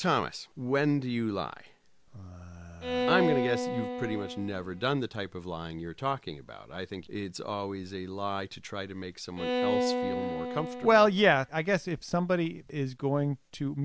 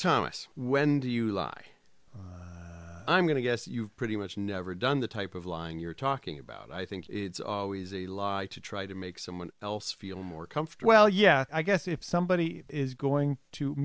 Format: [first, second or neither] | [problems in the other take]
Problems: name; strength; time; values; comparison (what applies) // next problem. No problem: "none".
second | background sound (Bowed string instrument); 3 dB below the speech